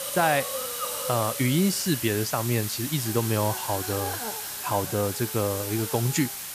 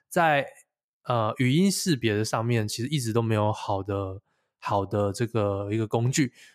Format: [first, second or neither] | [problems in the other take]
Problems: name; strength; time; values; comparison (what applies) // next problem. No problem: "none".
second | hiss; loud; throughout; 4 dB below the speech